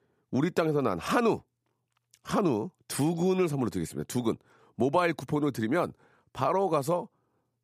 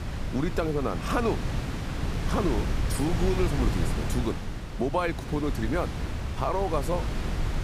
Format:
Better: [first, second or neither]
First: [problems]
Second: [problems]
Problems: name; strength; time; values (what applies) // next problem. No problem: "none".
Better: first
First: none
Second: wind noise on the microphone; heavy; 6 dB below the speech